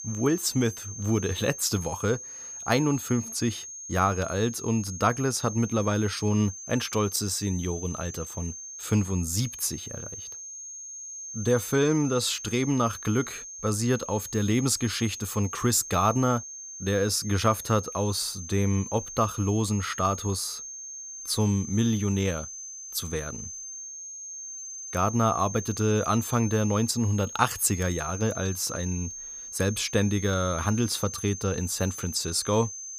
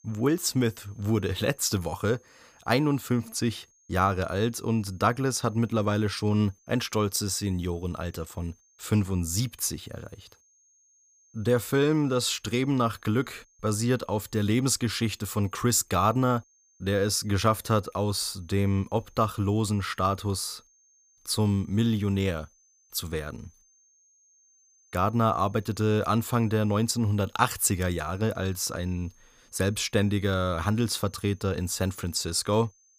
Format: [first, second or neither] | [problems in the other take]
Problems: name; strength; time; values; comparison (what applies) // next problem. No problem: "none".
second | high-pitched whine; loud; throughout; 6.5 kHz, 10 dB below the speech; faint in the second